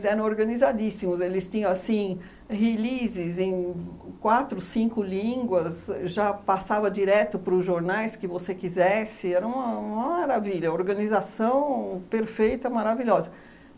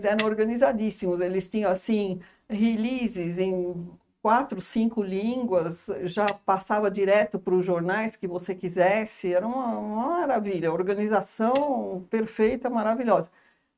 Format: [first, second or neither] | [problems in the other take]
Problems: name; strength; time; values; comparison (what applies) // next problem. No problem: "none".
first | noise reduction (neural mask model RNNoise)